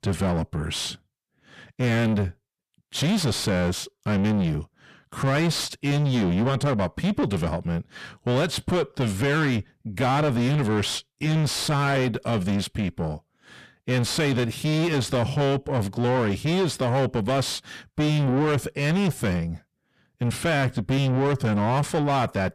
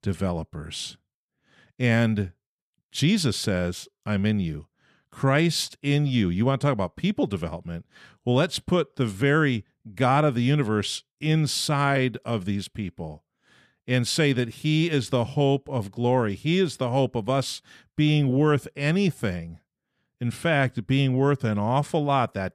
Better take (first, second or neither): second